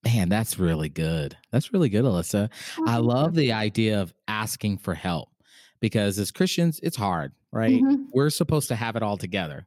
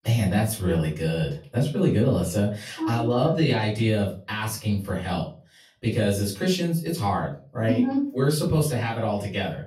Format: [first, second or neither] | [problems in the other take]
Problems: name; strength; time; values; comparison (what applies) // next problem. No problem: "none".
first | off-mic speech; far // room echo; slight; dies away in 0.3 s